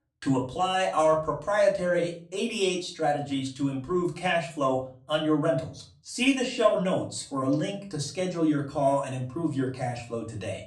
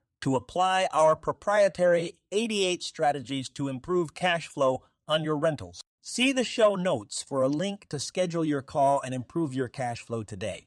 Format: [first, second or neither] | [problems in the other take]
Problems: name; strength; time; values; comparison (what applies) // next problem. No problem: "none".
second | off-mic speech; far // room echo; very slight; dies away in 0.3 s